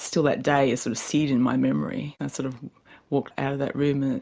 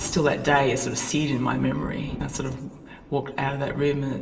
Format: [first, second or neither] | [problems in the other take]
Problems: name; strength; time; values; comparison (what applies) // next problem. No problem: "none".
first | background sound (Thunder); 14 dB below the speech // room echo; dies away in 0.9 s